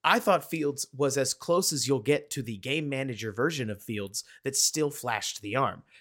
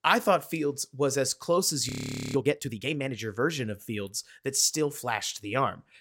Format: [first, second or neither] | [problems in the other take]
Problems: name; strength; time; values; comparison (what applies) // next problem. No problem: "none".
first | audio freezing; at 2 s